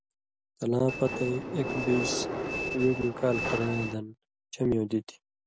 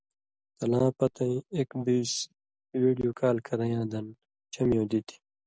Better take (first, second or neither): second